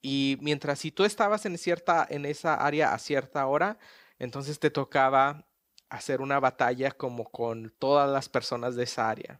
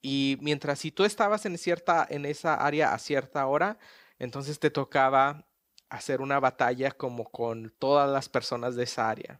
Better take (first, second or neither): neither